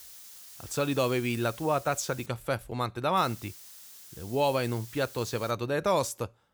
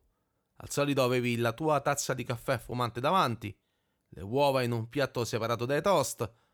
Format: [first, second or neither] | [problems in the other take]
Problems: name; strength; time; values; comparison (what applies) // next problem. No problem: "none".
second | hiss; noticeable; until 2.5 s and from 3 to 5.5 s; 15 dB below the speech